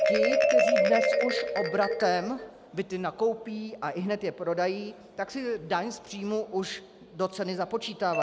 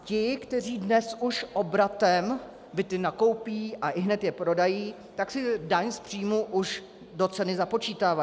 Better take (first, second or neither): second